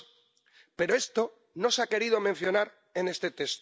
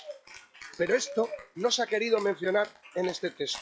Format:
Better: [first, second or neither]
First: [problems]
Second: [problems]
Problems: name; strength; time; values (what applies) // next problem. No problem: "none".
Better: first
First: none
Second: noise reduction (classical method log-MMSE)